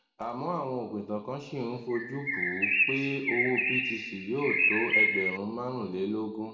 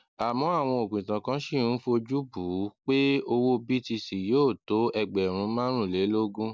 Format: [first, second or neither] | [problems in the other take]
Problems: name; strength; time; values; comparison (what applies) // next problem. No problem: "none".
second | background sound (Bird); 4 dB above the speech // room echo; dies away in 0.8 s